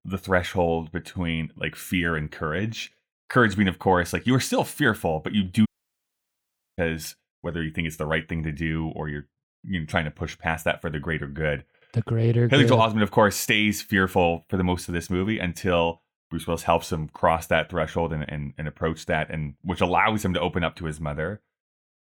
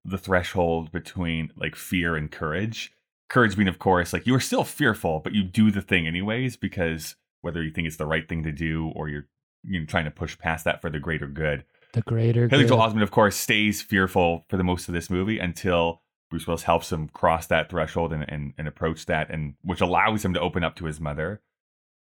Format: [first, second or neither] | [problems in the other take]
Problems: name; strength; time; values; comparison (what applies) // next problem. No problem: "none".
second | audio cutting out; at 5.5 s for 1 s